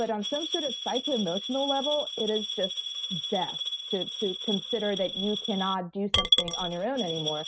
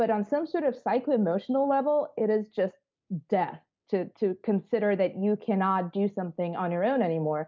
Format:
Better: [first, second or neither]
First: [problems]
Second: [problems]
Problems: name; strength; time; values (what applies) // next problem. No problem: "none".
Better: second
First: noise reduction (neural mask model RNNoise)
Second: none